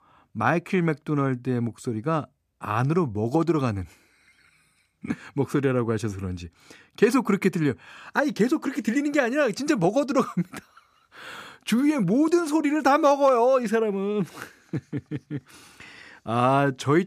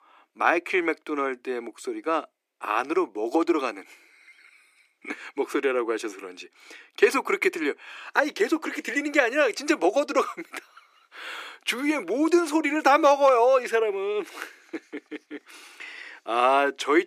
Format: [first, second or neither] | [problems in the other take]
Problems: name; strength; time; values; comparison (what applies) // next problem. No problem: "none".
first | thin; somewhat; fading below 350 Hz